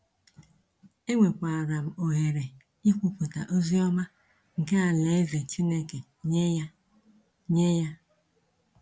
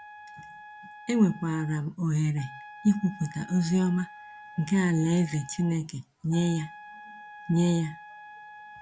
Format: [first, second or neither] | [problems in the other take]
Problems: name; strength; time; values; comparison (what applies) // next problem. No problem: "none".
first | background sound (Trumpet); 18 dB below the speech